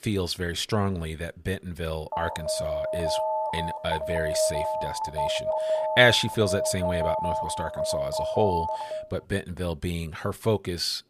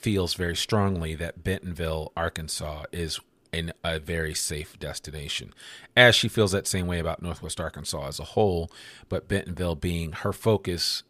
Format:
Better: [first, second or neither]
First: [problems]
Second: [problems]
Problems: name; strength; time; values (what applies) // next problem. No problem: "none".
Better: second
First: alarm; loud; from 2 to 9 s; peak 2 dB above the speech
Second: none